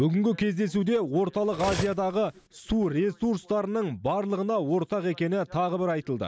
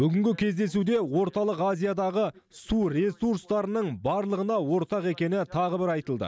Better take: second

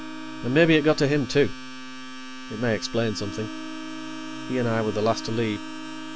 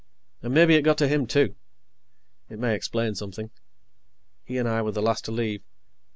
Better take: second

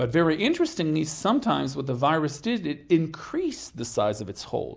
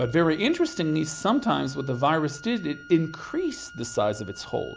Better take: first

